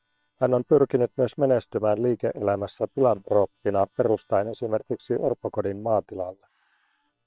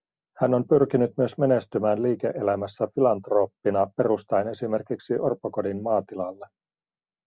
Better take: second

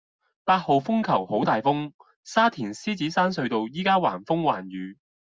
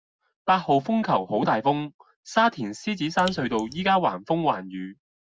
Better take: first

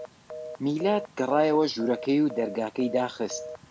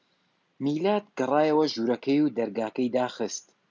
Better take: second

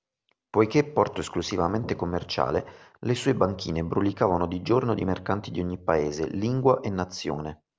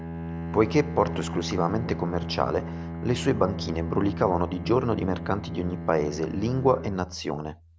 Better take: first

